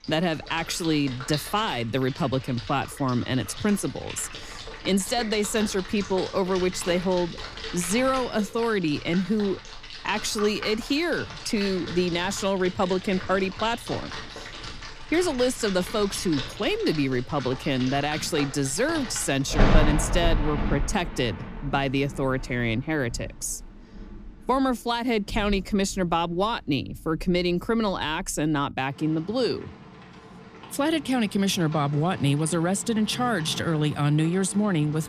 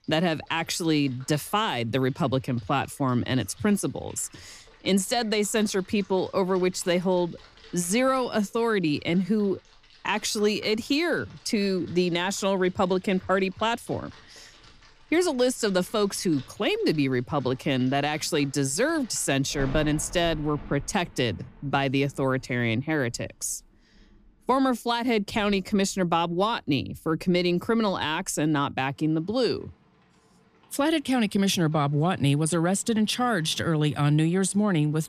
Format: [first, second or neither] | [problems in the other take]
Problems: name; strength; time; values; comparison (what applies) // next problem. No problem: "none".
second | rain or running water; loud; throughout; 10 dB below the speech; faint in the second